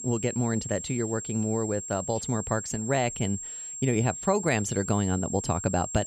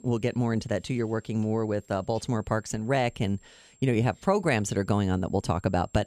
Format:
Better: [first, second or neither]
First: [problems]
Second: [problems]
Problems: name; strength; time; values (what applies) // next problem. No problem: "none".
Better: second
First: high-pitched whine; loud; throughout; 7.5 kHz, 7 dB below the speech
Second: high-pitched whine; faint; throughout; 7.5 kHz, 30 dB below the speech